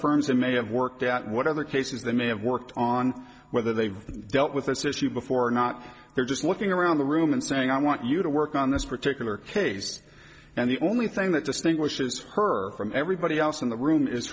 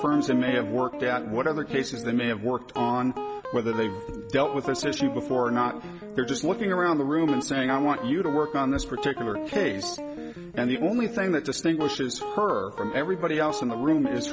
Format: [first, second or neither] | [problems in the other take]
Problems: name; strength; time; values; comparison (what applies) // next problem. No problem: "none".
first | background sound (Guitar); 9 dB below the speech